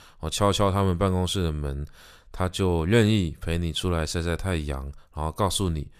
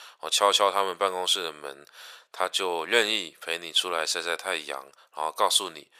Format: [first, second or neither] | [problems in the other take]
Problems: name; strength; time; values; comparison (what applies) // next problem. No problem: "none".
first | thin; very; fading below 550 Hz